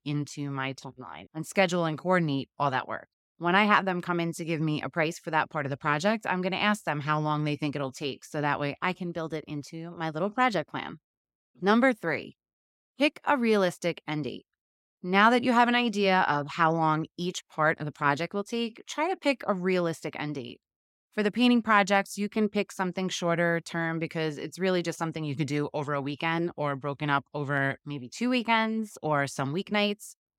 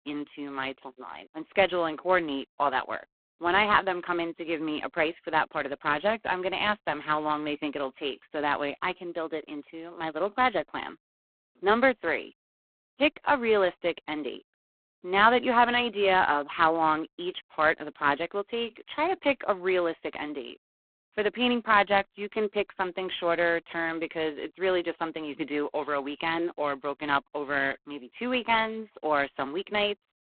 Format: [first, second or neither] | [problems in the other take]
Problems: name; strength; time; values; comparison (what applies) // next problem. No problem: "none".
first | phone-call audio; poor line